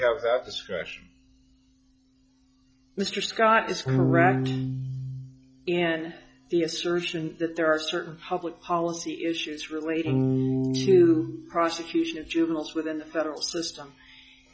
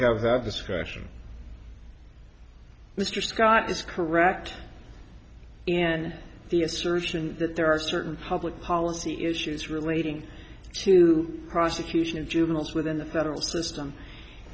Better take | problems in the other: second | noise reduction (classical method log-MMSE)

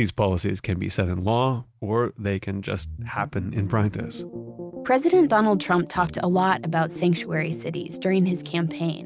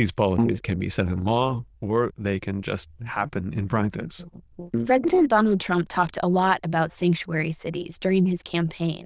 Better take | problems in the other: first | noise reduction (neural diffusion model UNIVERSE++)

